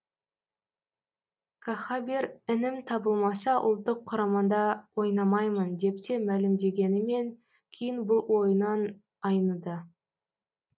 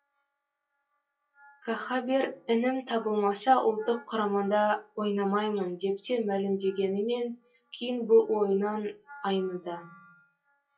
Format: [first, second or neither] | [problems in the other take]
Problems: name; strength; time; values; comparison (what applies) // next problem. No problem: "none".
first | noise reduction (classical method WPE with log-MMSE)